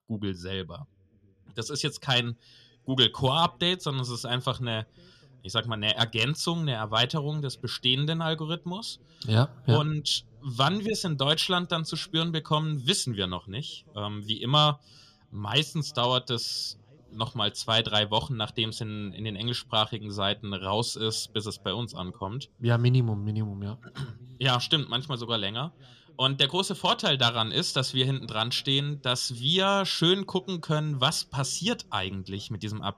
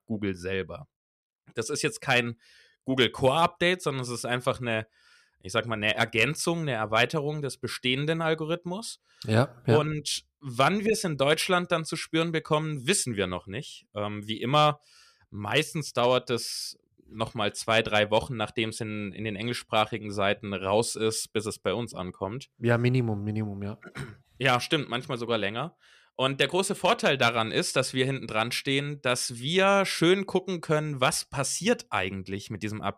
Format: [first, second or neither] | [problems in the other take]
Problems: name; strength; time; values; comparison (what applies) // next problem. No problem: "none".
second | room echo; slight; dies away in 3 s